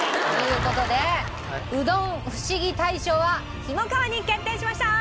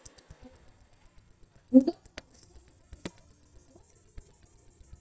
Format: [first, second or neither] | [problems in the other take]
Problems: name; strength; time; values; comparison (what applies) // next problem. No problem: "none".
first | noise reduction (neural mask model DeepFilterNet 3)